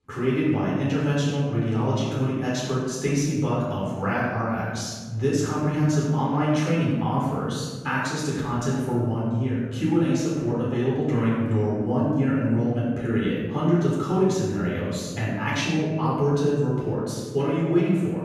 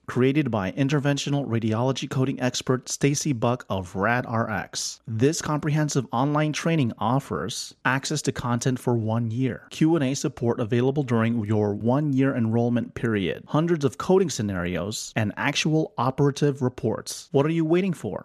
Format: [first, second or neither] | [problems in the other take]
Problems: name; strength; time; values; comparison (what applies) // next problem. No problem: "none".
second | room echo; strong; dies away in 1.4 s // off-mic speech; far